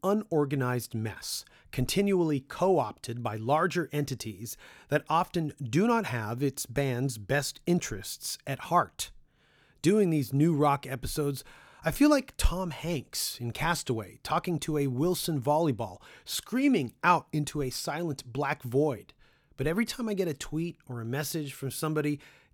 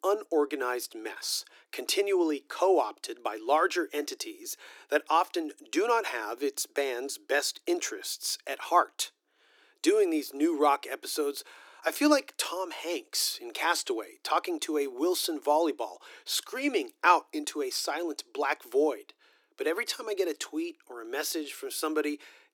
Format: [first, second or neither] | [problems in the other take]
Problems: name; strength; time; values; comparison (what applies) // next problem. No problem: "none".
first | thin; somewhat; fading below 300 Hz